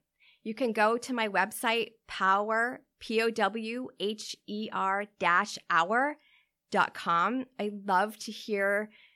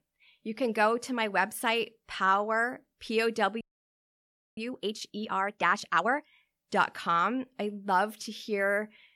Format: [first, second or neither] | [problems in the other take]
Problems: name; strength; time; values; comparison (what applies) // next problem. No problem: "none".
first | audio freezing; at 3.5 s for 1 s